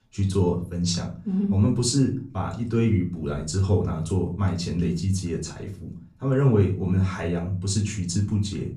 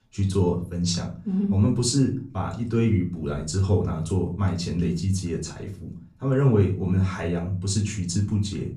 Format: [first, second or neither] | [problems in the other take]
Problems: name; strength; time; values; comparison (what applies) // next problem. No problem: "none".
neither | off-mic speech; far; the same in both // room echo; slight; dies away in 0.4 s; the same in both